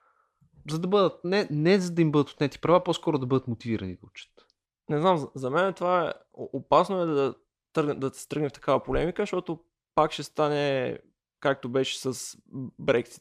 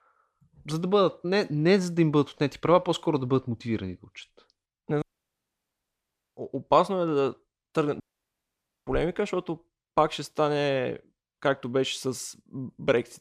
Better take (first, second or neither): first